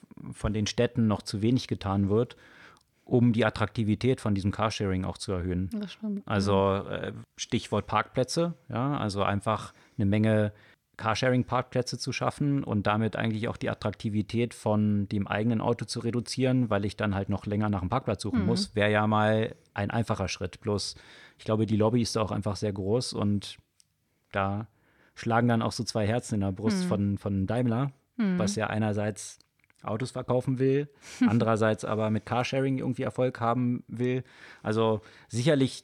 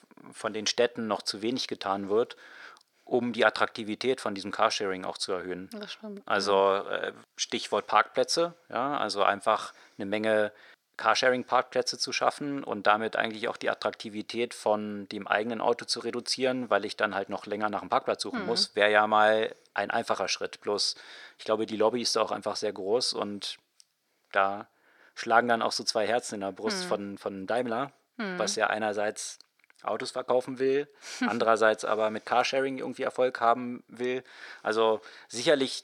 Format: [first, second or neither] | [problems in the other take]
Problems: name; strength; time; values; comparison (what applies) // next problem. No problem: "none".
first | thin; somewhat; fading below 450 Hz